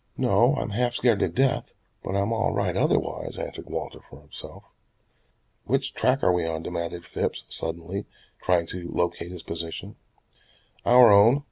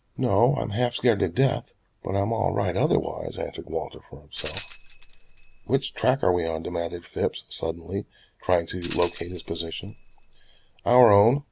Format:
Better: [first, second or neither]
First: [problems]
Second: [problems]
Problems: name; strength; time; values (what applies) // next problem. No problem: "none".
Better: first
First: none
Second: background sound (Tambourine); 18 dB below the speech